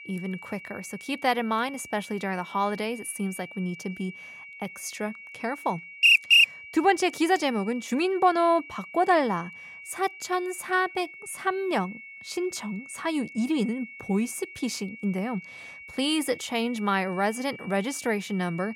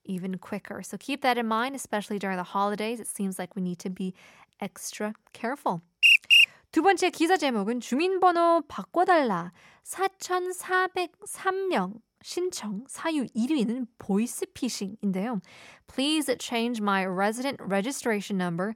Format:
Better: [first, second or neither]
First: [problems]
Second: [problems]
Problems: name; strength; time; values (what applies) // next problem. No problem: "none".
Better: second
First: high-pitched whine; noticeable; throughout; 2.5 kHz, 15 dB below the speech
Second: none